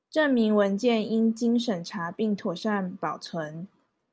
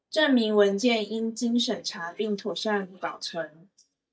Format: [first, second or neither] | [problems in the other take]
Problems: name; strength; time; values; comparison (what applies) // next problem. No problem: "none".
first | noise reduction (neural mask model DeepFilterNet 3)